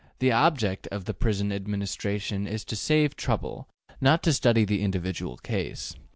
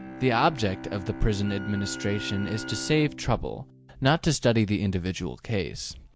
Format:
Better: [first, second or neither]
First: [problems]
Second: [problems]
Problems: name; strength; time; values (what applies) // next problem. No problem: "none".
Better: first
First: none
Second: background sound (Wind instrument, woodwind instrument + Bowed string instrument); 13 dB below the speech